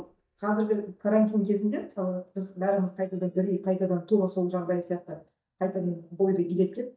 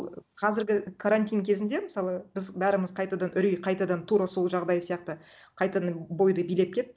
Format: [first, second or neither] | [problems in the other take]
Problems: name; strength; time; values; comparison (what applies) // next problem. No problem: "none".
second | noise reduction (neural mask model DeepFilterNet 3)